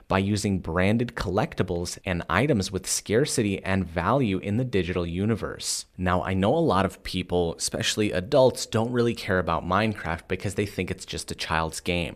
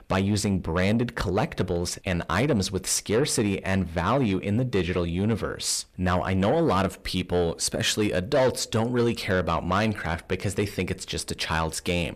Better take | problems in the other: first | distortion; slight; 10 dB below the speech

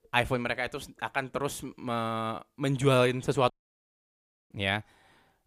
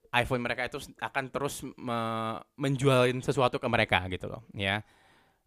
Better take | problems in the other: second | audio cutting out; at 3.5 s for 1 s

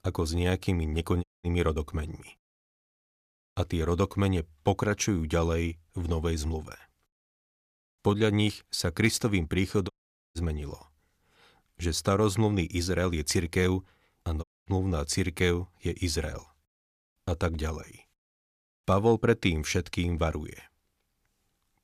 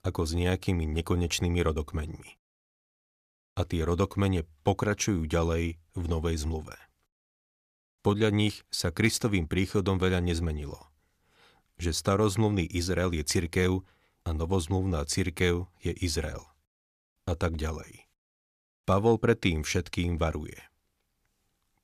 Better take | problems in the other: second | audio cutting out; at 1 s, at 10 s and at 14 s

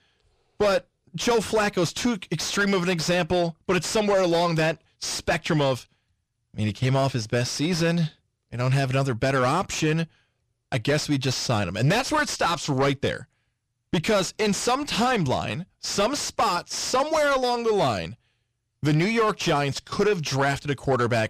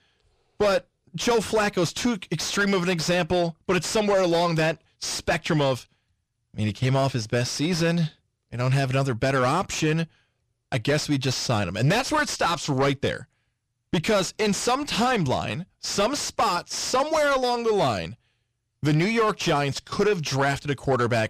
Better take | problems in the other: neither | distortion; heavy; 8 dB below the speech; the same in both

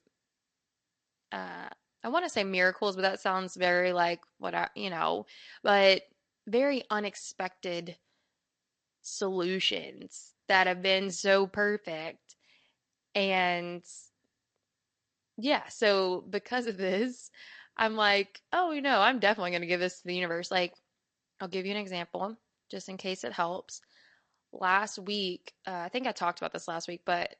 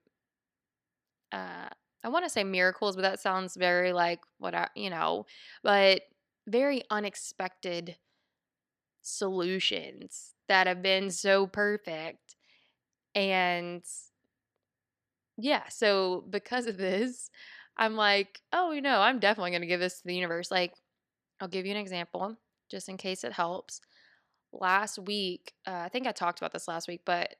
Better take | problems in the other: second | garbled, watery; slightly; nothing above 8 kHz

